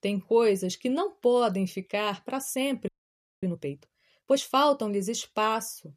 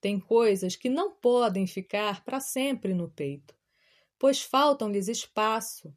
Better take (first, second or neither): second